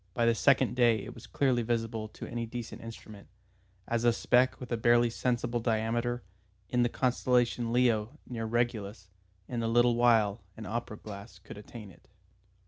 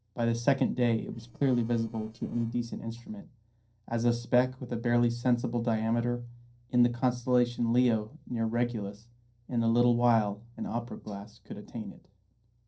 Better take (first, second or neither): first